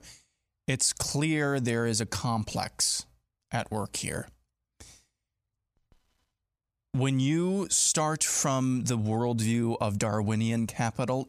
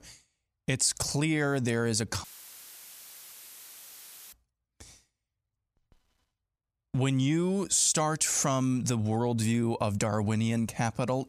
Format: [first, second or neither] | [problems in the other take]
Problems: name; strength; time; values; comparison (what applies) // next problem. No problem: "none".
first | audio cutting out; filled with static; at 2 s for 2 s